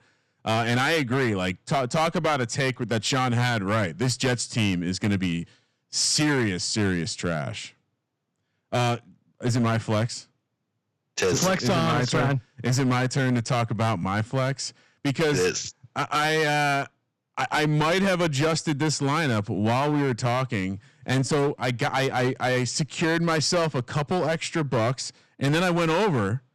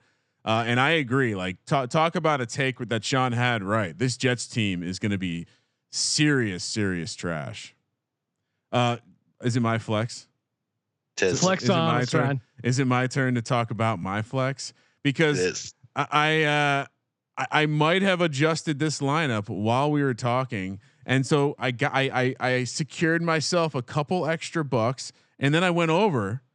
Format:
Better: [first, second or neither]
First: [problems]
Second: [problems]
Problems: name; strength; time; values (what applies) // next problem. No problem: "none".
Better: second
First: distortion; heavy; 12% of the sound clipped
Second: none